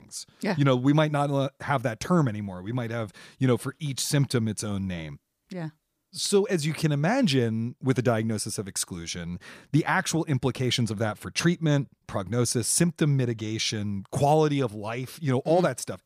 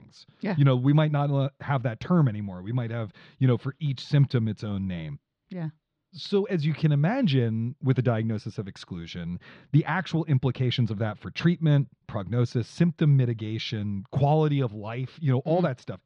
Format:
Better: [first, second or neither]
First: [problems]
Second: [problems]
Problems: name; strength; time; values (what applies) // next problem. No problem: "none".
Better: first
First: none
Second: muffled; slightly; fading above 4 kHz